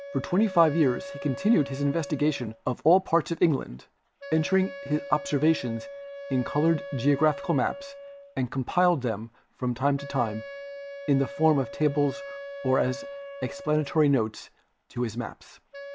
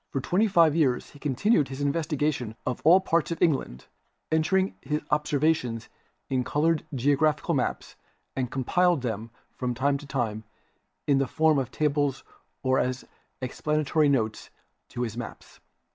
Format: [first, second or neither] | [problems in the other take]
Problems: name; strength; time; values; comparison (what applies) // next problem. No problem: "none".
second | background sound (Wind instrument, woodwind instrument); 14 dB below the speech